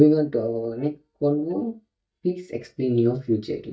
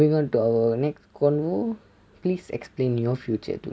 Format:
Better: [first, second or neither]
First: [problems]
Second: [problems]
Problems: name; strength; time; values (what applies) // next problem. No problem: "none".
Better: second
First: noise reduction (neural mask model DeepFilterNet 3)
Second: none